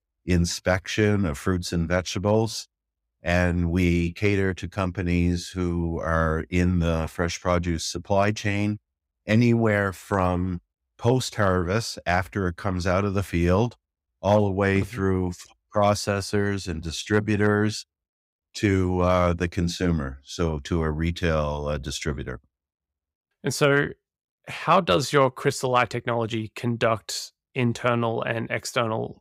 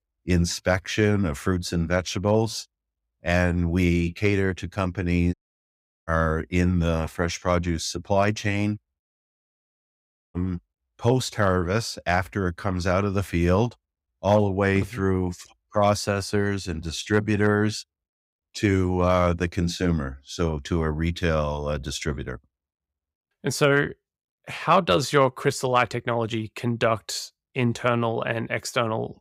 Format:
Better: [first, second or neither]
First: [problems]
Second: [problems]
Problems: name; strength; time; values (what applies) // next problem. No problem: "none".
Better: first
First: none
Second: audio cutting out; at 5.5 s for 0.5 s and at 9 s for 1.5 s